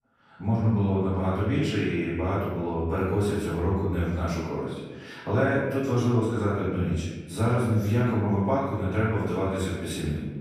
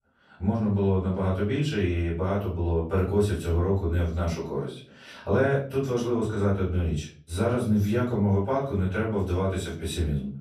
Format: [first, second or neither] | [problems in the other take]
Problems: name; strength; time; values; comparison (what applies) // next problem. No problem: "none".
second | room echo; strong; dies away in 1.2 s; slight in the second // off-mic speech; far; far in the second